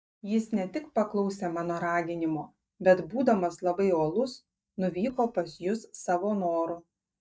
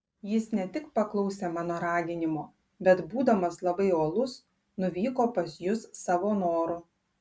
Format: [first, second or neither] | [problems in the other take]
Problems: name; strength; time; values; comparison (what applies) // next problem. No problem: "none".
second | noise reduction (neural mask model DeepFilterNet 3)